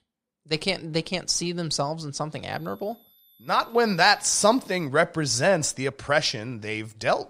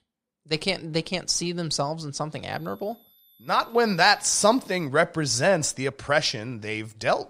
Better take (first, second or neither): neither